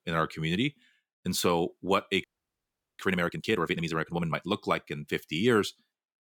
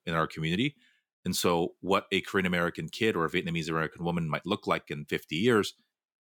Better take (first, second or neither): second